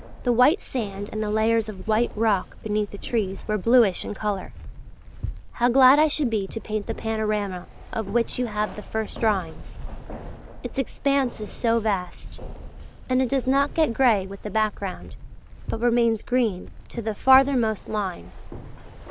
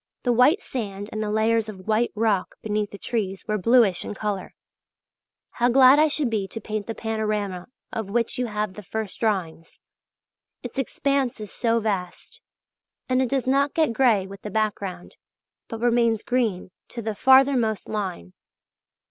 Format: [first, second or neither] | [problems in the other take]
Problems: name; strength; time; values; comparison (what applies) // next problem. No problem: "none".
second | background sound (Keys jangling); 11 dB below the speech